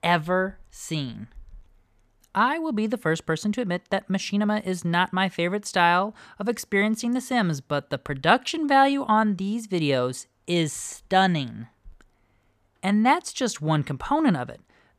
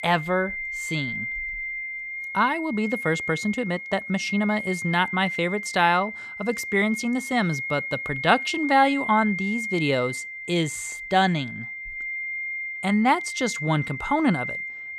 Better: first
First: none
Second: high-pitched whine; loud; throughout; 2 kHz, 6 dB below the speech

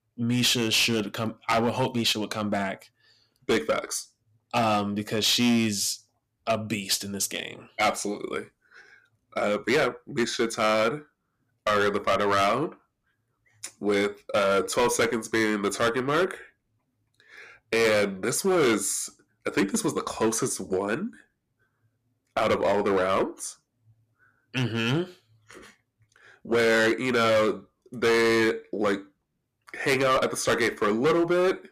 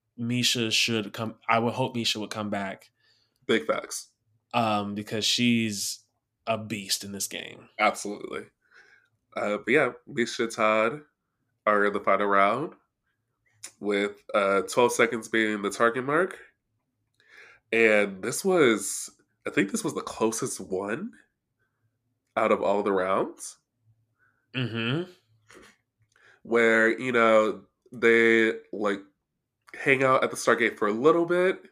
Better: second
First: distortion; heavy; 7% of the sound clipped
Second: none

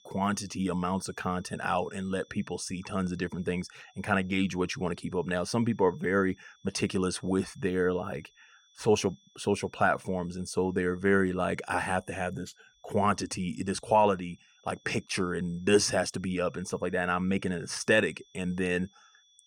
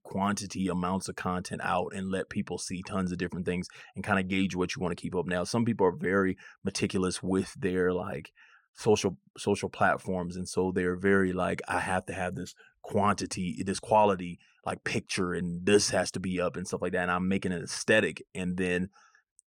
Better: second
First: high-pitched whine; faint; throughout; 3.5 kHz, 30 dB below the speech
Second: none

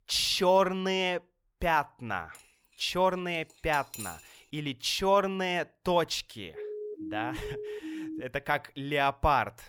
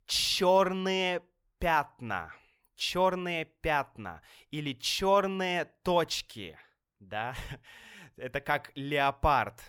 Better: second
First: clattering dishes; faint; from 2.5 to 4.5 s; peak 10 dB below the speech // siren; noticeable; from 6.5 to 8 s; peak 9 dB below the speech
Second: none

